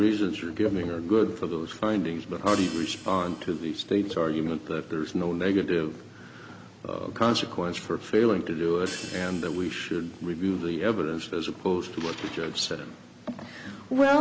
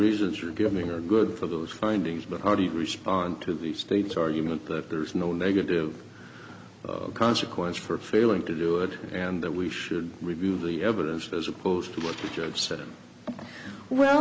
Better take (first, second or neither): second